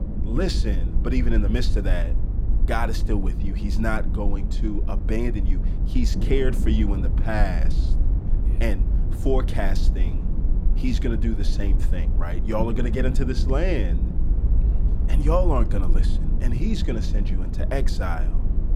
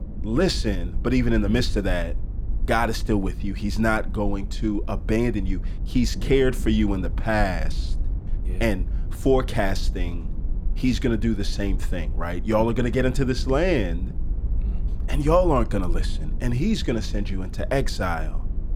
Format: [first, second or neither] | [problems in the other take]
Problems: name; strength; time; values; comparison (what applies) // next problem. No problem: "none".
second | low rumble; loud; throughout; 10 dB below the speech; faint in the second